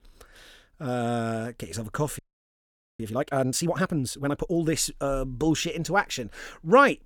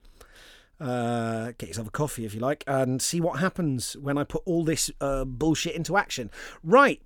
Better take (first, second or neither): second